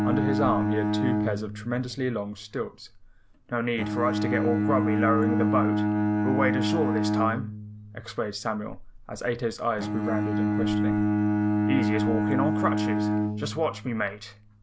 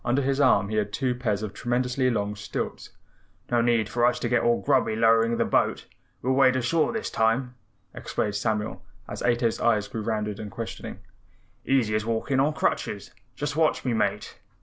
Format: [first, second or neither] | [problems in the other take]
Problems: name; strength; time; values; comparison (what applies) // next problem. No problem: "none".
second | background sound (Bowed string instrument); 3 dB above the speech